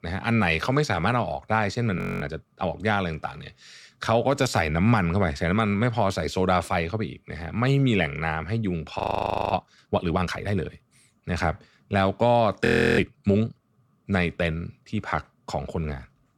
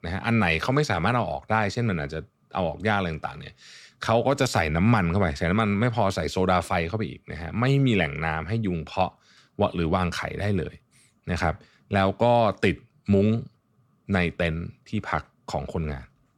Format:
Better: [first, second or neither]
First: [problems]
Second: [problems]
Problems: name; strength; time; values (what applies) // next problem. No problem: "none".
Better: second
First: audio freezing; at 2 s, at 9 s for 0.5 s and at 13 s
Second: none